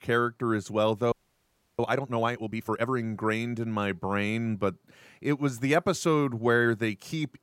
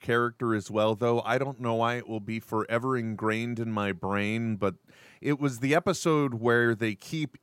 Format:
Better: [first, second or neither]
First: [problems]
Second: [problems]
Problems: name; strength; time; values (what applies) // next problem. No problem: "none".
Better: second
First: audio freezing; at 1 s for 0.5 s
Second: none